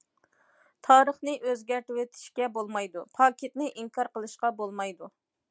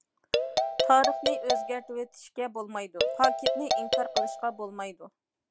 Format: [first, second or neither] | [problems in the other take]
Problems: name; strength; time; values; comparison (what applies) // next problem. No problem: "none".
first | background sound (Marimba, xylophone); 2 dB above the speech